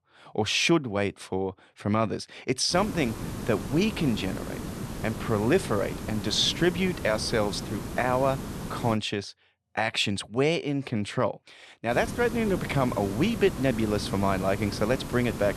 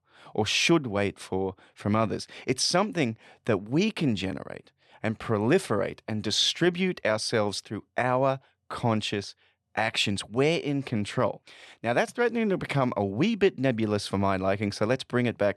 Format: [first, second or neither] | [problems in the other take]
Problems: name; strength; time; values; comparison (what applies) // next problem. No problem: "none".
second | hiss; loud; from 2.5 to 9 s and from 12 s on; 9 dB below the speech